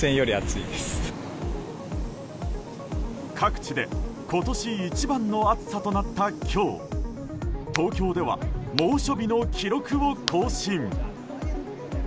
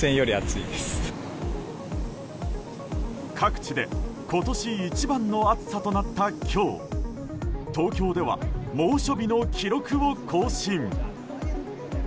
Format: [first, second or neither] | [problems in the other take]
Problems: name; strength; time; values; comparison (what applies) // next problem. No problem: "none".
second | background sound (Crack); 12 dB below the speech